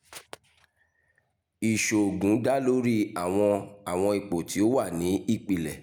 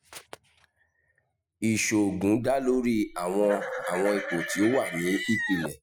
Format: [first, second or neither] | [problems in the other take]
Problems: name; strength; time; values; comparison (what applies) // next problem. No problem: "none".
first | noise reduction (classical method Wiener filter)